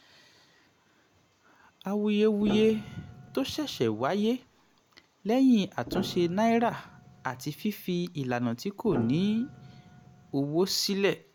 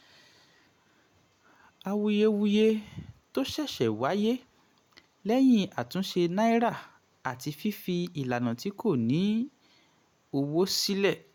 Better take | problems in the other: second | background sound (Piano); 13 dB below the speech

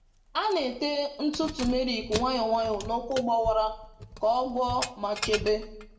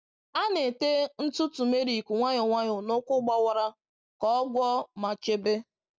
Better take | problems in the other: second | background sound (Keys jangling); 11 dB below the speech // room echo; dies away in 0.6 s

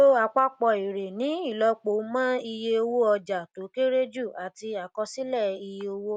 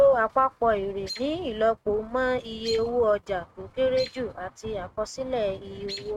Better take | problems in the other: first | noise reduction (neural mask model RNNoise)

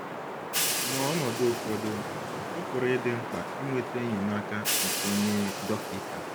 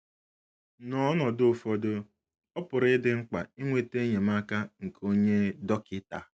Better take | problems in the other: second | background sound (Wind + Hi-hat); 1 dB below the speech

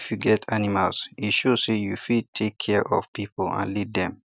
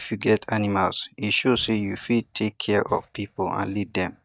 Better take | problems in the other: first | noise reduction (neural mask model DeepFilterNet 3)

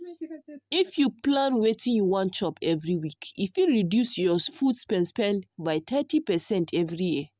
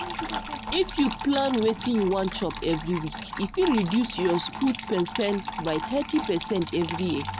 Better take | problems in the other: first | background sound (Trickle, dribble / Water tap, faucet); 8 dB below the speech

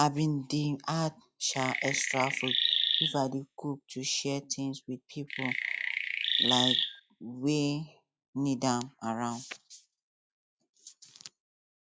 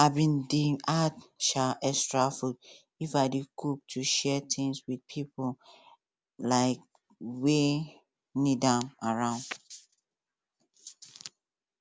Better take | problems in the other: second | noise reduction (classical method log-MMSE)

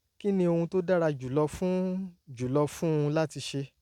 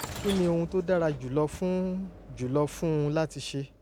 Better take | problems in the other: first | background sound (Sliding door / Train); 15 dB below the speech

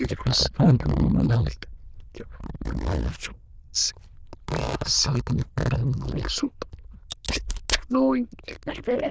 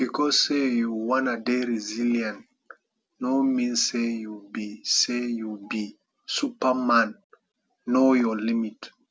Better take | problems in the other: second | noise reduction (neural diffusion model UNIVERSE++)

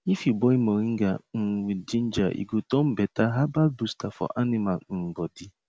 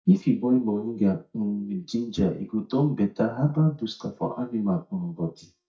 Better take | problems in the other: first | noise reduction (neural mask model DeepFilterNet 3)

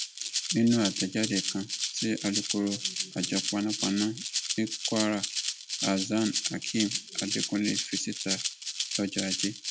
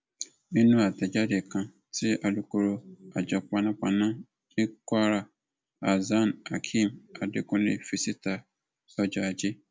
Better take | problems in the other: second | background sound (Rattle (instrument)); 3 dB below the speech

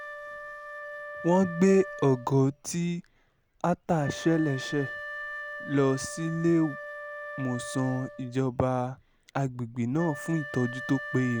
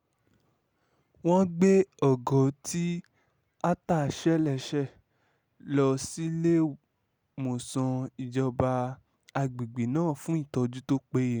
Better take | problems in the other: second | background sound (Wind instrument, woodwind instrument); 12 dB below the speech

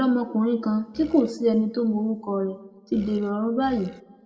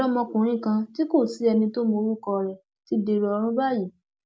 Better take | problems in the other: second | background sound (Burping, eructation); 19 dB below the speech // room echo; dies away in 1.1 s

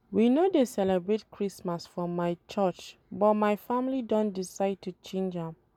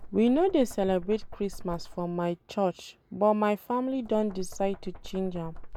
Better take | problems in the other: first | background sound (Knock); 13 dB below the speech

